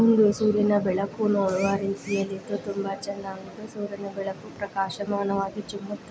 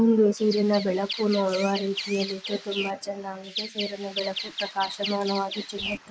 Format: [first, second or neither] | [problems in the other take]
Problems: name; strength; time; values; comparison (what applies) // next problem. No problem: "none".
first | noise reduction (neural mask model Resemble Enhance denoiser)